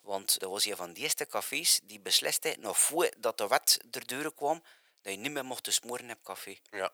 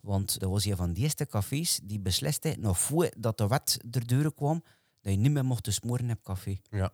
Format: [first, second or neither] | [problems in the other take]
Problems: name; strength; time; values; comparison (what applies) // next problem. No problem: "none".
second | thin; very; fading below 450 Hz